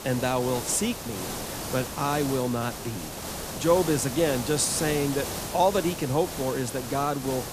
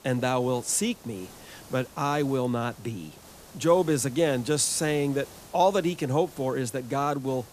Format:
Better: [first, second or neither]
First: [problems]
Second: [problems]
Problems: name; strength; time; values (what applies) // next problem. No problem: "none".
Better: second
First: hiss; loud; throughout; 7 dB below the speech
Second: hiss; faint; throughout; 20 dB below the speech